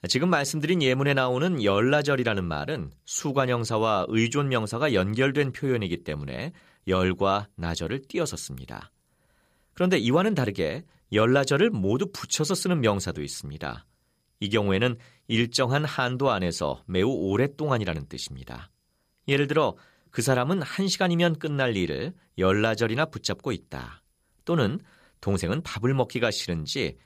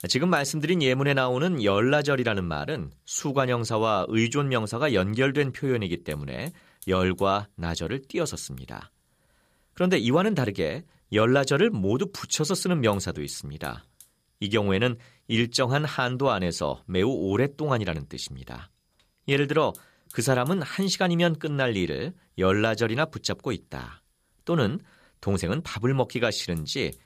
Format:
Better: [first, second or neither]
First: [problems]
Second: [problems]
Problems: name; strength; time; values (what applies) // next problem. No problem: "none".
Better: first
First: none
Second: hiss; faint; throughout; 25 dB below the speech